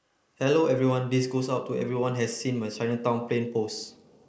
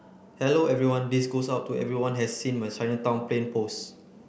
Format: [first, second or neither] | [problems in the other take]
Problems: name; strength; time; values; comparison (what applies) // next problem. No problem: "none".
second | noise reduction (neural mask model Resemble Enhance denoiser)